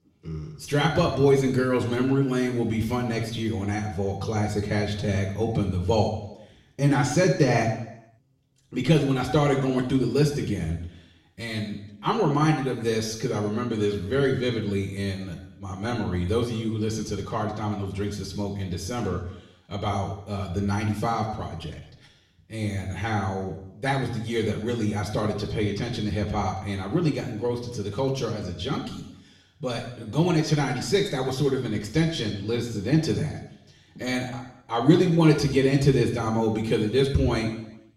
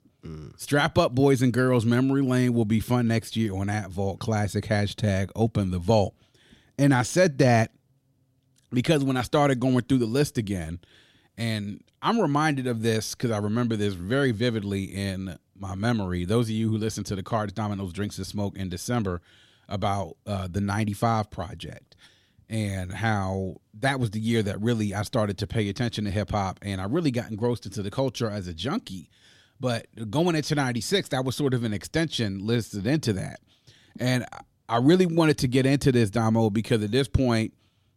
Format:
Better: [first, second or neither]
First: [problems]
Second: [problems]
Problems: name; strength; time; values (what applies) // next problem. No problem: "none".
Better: second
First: room echo; noticeable; dies away in 0.8 s // off-mic speech; far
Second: none